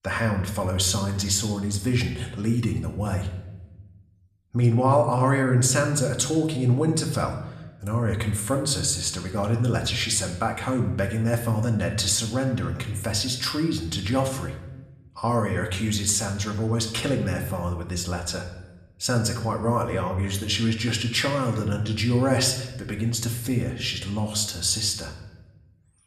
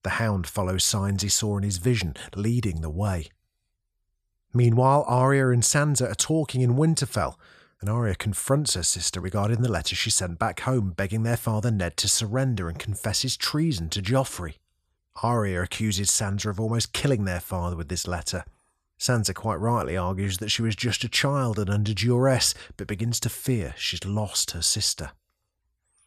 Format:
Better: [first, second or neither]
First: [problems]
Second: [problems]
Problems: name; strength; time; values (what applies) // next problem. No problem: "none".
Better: second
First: room echo; slight; dies away in 0.8 s // off-mic speech; somewhat distant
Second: none